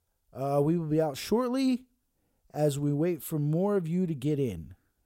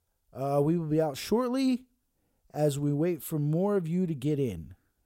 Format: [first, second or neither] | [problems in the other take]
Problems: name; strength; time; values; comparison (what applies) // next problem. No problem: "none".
neither | none